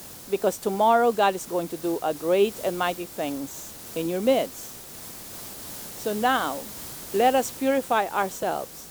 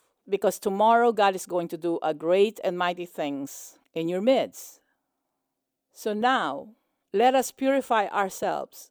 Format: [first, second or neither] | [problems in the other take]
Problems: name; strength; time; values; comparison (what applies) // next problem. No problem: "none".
second | hiss; noticeable; throughout; 10 dB below the speech